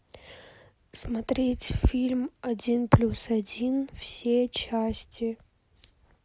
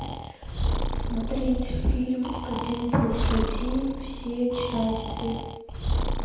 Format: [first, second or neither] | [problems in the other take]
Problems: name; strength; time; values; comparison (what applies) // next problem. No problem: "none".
first | background sound (Breathing); as loud as the speech // room echo; dies away in 1 s